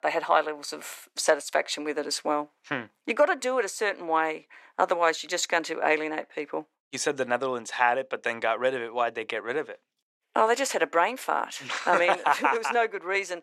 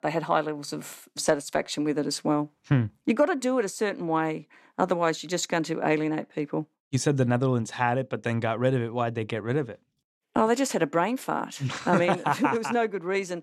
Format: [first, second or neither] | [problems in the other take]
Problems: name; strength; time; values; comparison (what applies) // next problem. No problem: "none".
second | thin; very; fading below 550 Hz